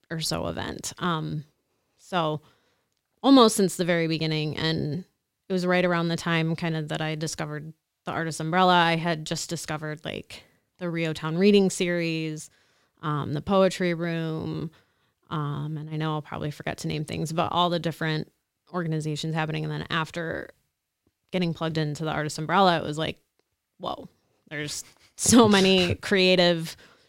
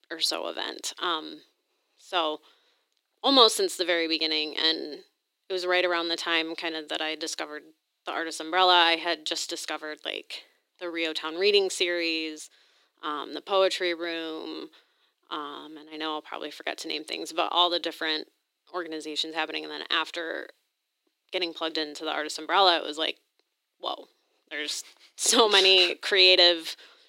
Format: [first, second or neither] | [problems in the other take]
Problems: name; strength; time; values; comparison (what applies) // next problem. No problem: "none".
first | thin; very; fading below 300 Hz